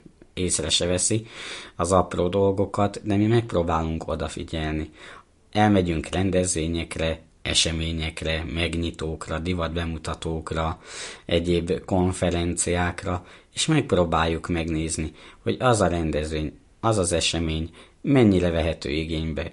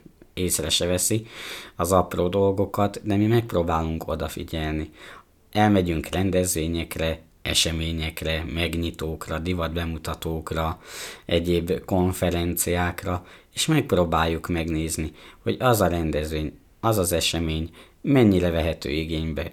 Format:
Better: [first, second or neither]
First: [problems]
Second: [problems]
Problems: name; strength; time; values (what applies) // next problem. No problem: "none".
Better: second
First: garbled, watery; slightly; nothing above 10 kHz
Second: none